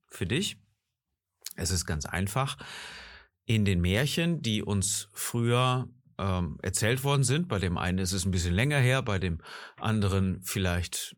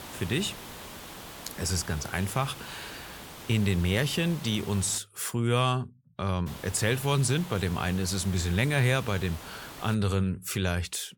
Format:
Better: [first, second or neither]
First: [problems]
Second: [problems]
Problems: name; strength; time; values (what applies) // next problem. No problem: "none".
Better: first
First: none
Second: hiss; noticeable; until 5 s and from 6.5 to 10 s; 15 dB below the speech